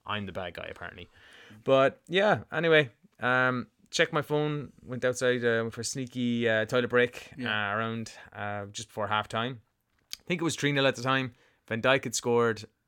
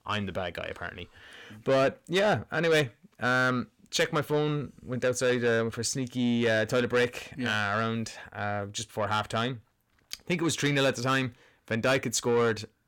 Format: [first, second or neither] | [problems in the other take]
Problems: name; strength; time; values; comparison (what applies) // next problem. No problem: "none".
first | distortion; slight; 10 dB below the speech